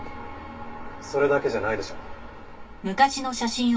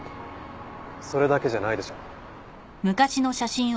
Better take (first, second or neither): second